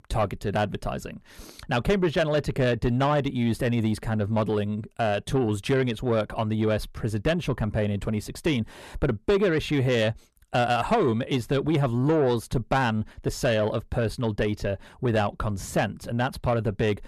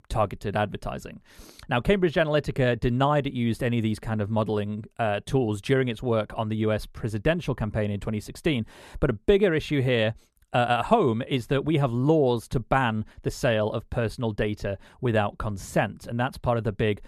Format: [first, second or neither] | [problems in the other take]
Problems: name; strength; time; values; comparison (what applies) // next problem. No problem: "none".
second | distortion; slight; 10 dB below the speech